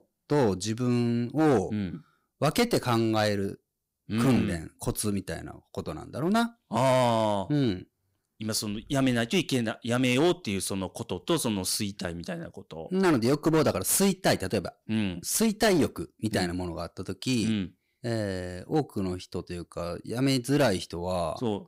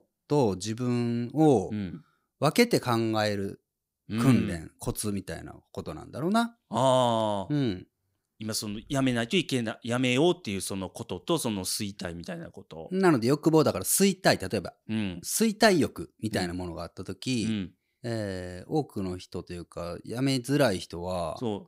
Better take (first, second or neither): second